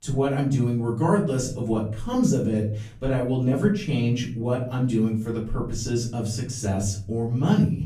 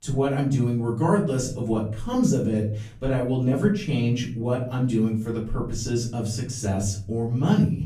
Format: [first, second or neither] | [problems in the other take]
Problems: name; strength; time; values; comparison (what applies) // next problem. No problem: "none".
neither | off-mic speech; far; the same in both // room echo; slight; dies away in 0.6 s; the same in both